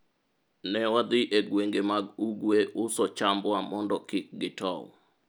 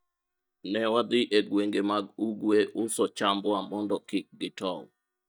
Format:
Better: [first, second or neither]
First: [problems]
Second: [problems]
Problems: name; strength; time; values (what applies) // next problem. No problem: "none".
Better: first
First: none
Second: noise reduction (neural mask model DeepFilterNet 3)